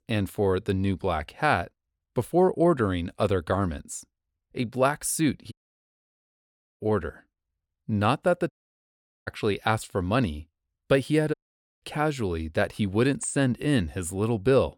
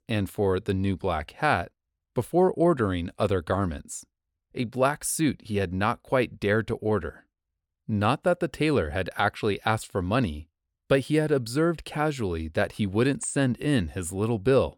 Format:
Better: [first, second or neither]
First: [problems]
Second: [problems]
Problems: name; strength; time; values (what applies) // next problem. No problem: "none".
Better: second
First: audio cutting out; at 5.5 s for 1.5 s, at 8.5 s for 1 s and at 11 s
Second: none